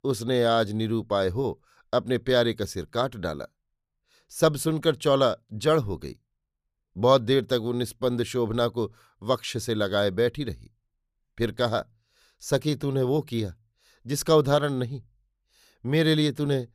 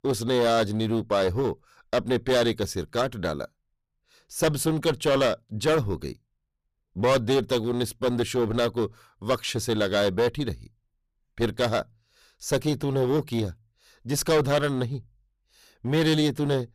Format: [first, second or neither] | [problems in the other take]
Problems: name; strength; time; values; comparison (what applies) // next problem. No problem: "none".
first | distortion; heavy; 9% of the sound clipped